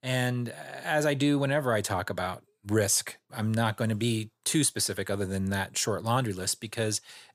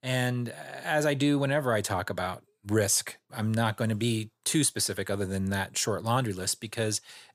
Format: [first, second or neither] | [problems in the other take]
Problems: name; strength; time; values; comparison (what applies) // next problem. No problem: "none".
neither | none